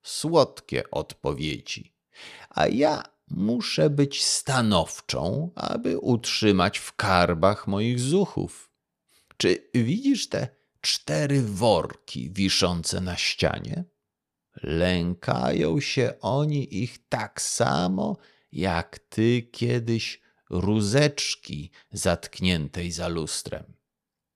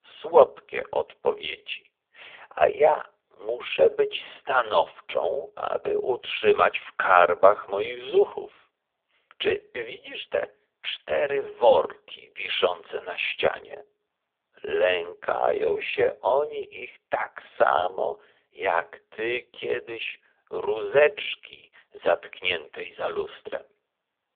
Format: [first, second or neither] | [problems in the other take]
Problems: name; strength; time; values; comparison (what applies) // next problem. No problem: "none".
first | phone-call audio; poor line; nothing above 3.5 kHz